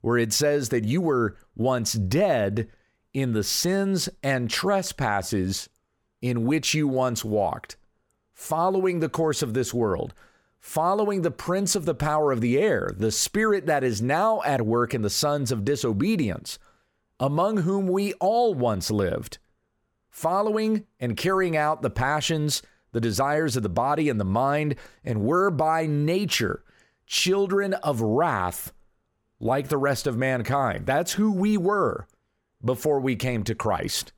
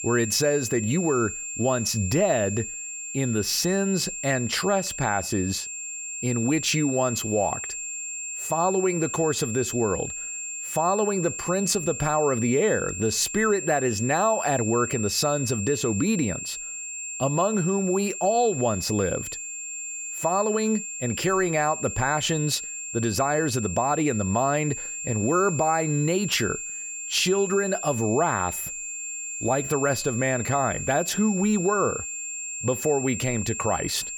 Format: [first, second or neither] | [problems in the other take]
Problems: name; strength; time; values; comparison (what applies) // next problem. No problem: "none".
first | high-pitched whine; loud; throughout; 7.5 kHz, 6 dB below the speech